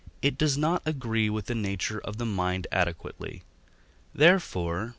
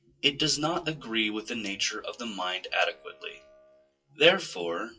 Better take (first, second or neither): first